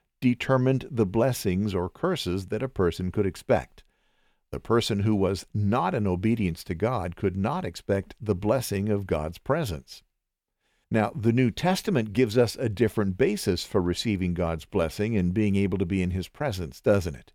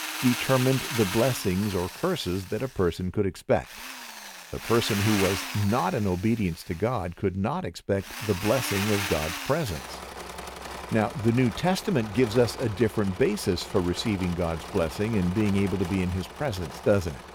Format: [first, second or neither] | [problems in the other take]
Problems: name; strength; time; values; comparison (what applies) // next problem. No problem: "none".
first | machinery noise; loud; throughout; 8 dB below the speech